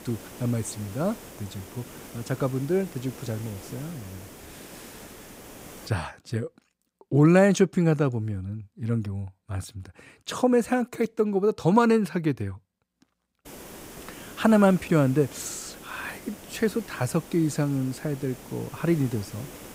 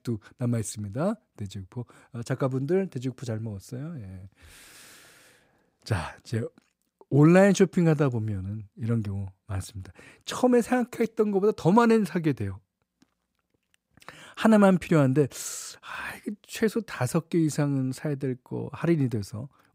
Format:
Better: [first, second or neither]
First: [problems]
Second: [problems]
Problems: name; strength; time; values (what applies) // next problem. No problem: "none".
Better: second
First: hiss; noticeable; until 6 s and from 13 s on; 20 dB below the speech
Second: none